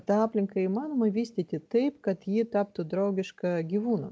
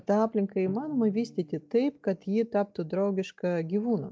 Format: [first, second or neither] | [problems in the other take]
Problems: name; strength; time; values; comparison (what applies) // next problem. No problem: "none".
first | noise reduction (neural mask model DeepFilterNet 3)